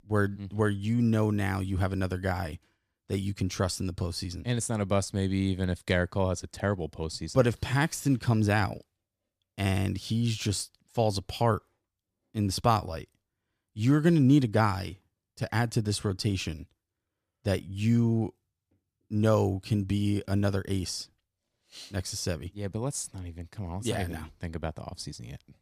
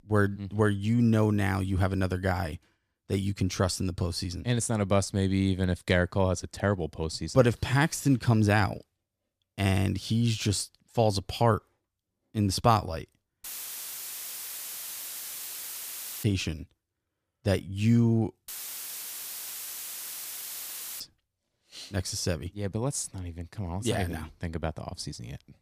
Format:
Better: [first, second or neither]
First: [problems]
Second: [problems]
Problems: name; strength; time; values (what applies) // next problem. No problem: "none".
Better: first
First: none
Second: audio cutting out; filled with static; at 13 s for 3 s and at 18 s for 2.5 s